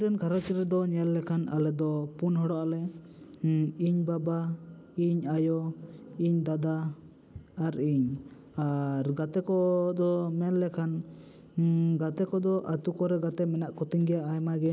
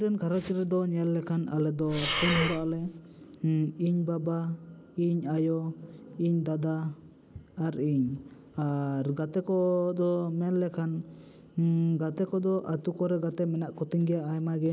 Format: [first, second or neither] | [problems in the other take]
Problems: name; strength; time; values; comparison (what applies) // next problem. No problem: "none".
first | background sound (Breathing); 3 dB below the speech